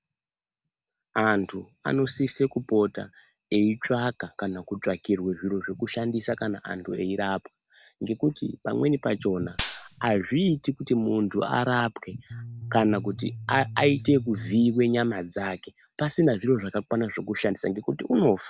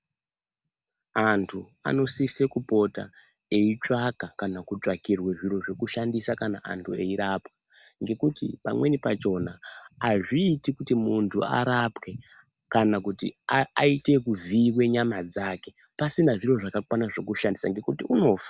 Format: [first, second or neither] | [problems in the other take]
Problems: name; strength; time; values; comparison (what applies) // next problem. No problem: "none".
second | background sound (Gunshot, gunfire + Bass guitar); 10 dB below the speech